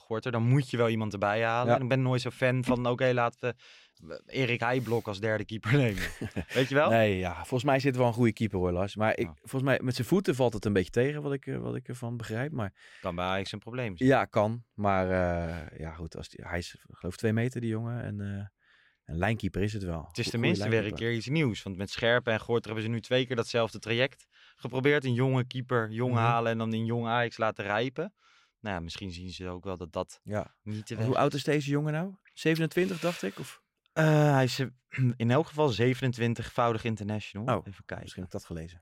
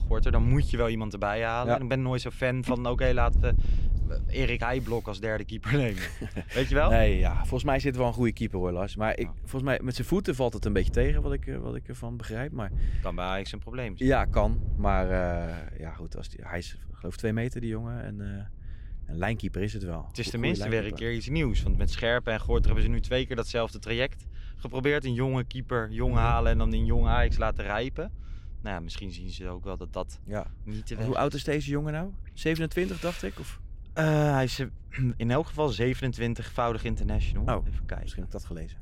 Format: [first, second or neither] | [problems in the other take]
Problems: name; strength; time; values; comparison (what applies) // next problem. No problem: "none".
first | wind noise on the microphone; occasional gusts; 20 dB below the speech